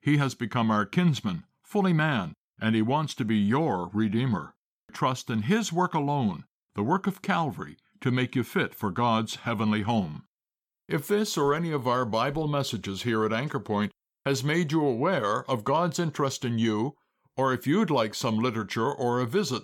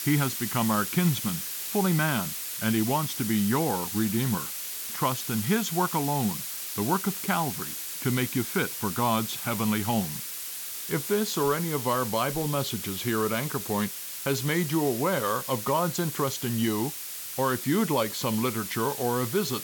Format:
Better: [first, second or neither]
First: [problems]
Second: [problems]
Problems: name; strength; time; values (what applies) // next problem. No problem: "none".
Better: first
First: none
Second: hiss; loud; throughout; 5 dB below the speech